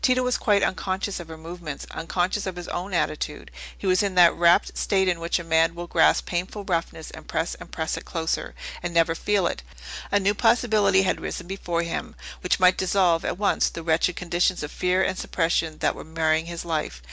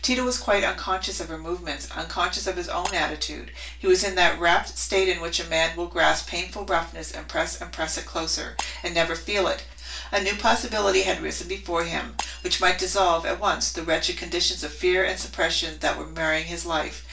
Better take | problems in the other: first | background sound (Shatter); 18 dB below the speech // room echo; dies away in 0.3 s

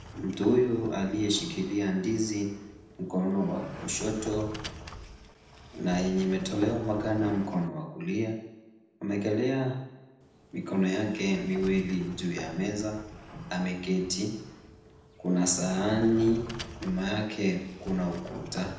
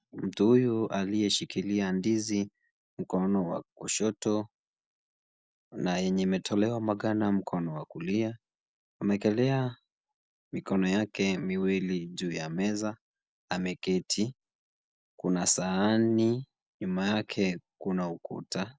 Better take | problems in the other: second | background sound (Sliding door); 15 dB below the speech // room echo; dies away in 0.8 s

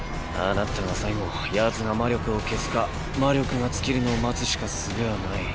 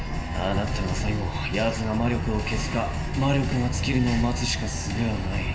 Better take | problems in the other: first | room echo; dies away in 1.4 s

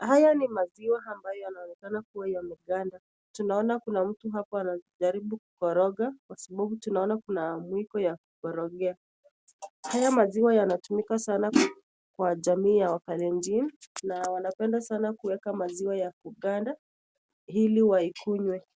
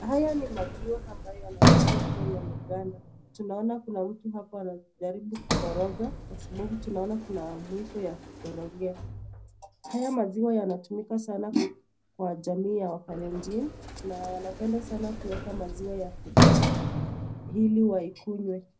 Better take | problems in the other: first | background sound (Sliding door); 2 dB above the speech // room echo; dies away in 0.3 s

